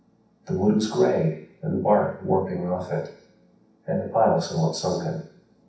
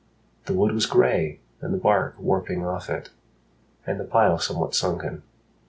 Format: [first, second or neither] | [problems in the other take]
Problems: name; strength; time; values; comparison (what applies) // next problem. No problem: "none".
second | room echo; dies away in 0.7 s